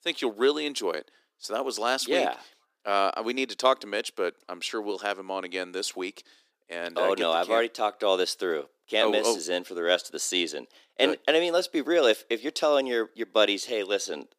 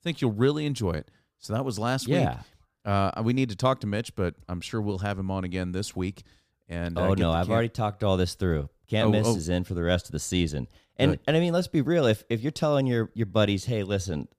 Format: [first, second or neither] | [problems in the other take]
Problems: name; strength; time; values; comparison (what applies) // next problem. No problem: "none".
second | thin; very; fading below 300 Hz